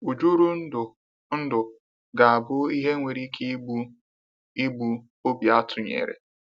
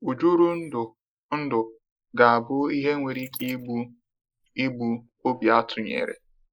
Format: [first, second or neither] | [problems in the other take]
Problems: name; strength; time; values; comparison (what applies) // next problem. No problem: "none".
first | noise reduction (neural mask model Resemble Enhance denoiser)